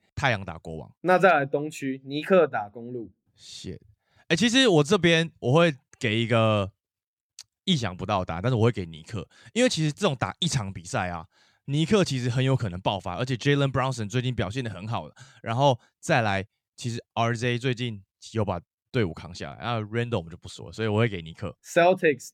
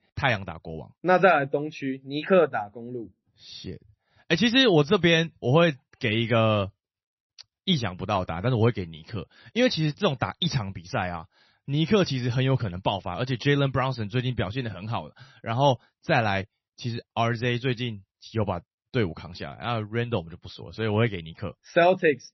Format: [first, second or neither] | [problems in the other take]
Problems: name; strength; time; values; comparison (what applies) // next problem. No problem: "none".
first | garbled, watery; slightly; nothing above 6 kHz